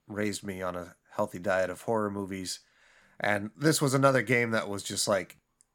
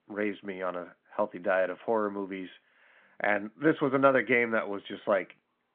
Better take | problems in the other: first | phone-call audio

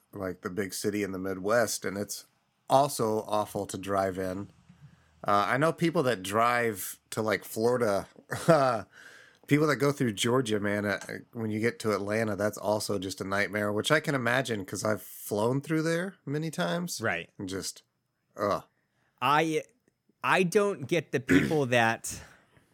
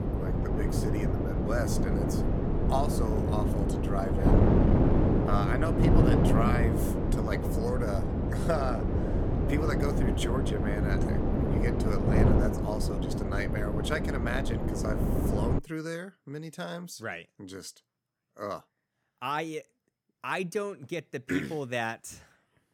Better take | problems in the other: first | wind noise on the microphone; heavy; until 16 s; 1 dB above the speech

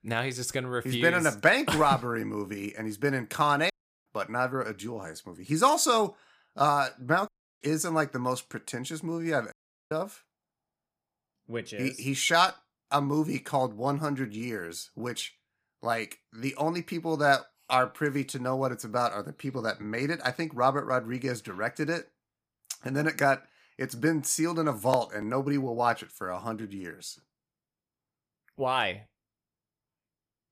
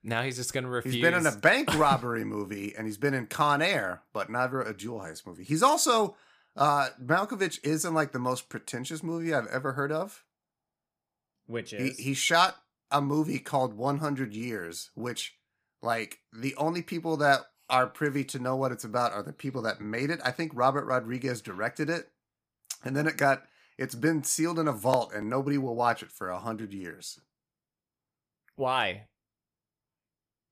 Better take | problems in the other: second | audio cutting out; at 3.5 s, at 7.5 s and at 9.5 s

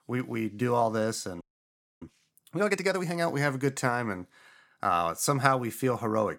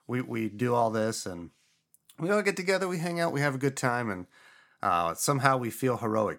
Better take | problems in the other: second | audio freezing; at 1.5 s for 0.5 s

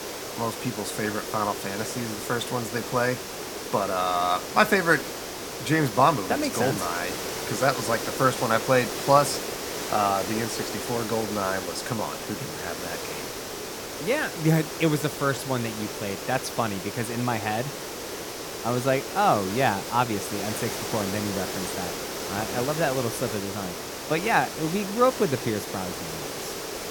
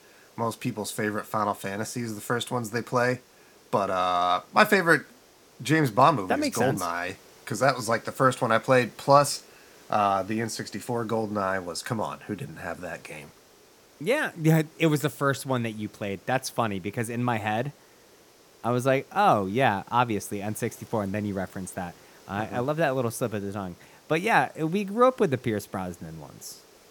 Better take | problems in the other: second | hiss; loud; throughout; 6 dB below the speech; faint in the second

